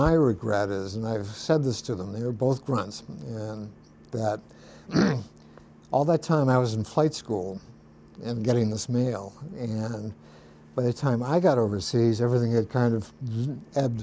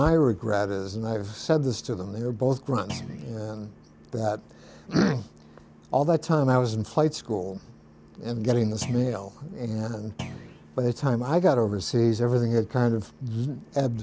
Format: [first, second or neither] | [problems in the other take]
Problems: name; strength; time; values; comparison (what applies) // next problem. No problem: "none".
first | background sound (Thump, thud); 13 dB below the speech